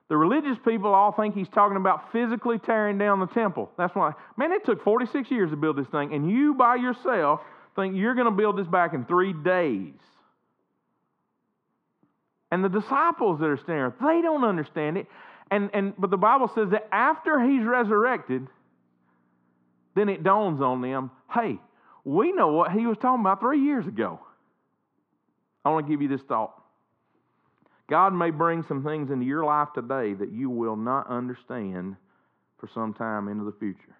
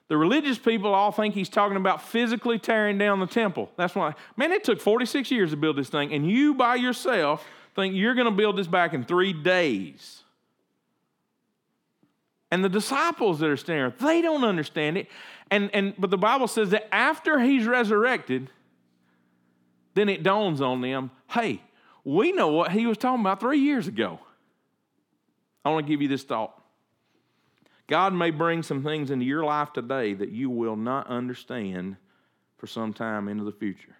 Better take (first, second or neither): second